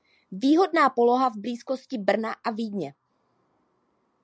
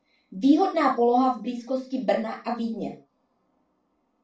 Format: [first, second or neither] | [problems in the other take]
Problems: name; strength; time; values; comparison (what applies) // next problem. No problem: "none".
first | room echo; dies away in 0.3 s